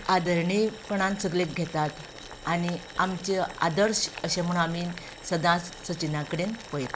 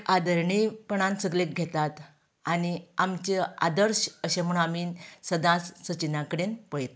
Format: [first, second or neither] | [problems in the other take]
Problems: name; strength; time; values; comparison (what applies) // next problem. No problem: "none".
second | background sound (Boiling); 15 dB below the speech